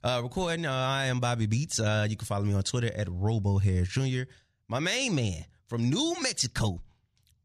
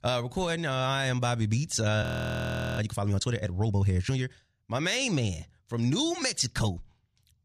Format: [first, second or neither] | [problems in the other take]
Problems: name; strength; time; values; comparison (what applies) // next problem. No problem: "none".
first | audio freezing; at 2 s for 1 s